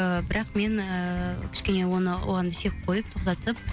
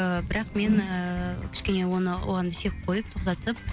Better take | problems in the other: first | background sound (Whoosh, swoosh, swish); 4 dB below the speech

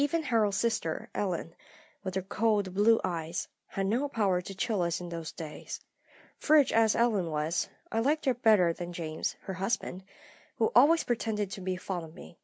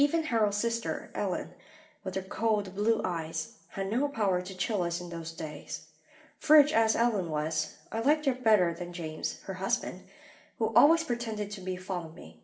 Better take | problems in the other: first | room echo; dies away in 0.5 s

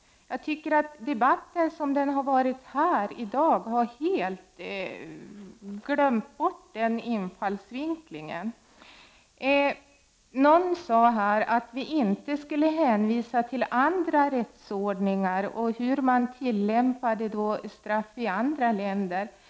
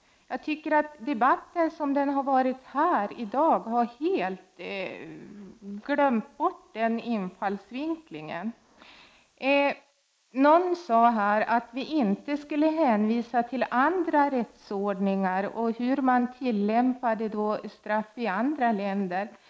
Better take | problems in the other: first | noise reduction (neural mask model Resemble Enhance denoiser)

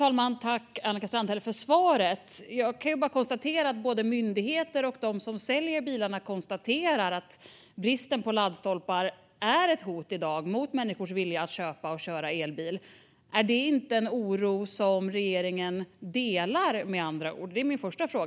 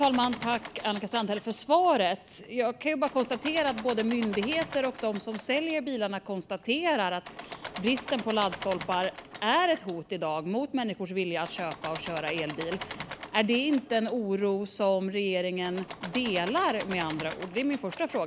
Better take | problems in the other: first | background sound (Engine / Mechanisms); 14 dB below the speech

